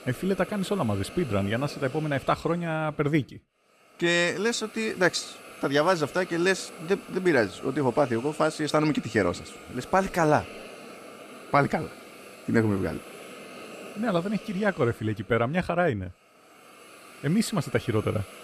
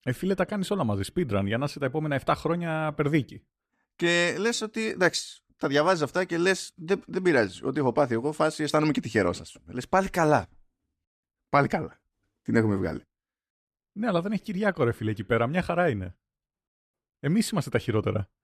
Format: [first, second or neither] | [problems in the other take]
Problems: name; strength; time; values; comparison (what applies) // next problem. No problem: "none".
second | hiss; noticeable; throughout; 15 dB below the speech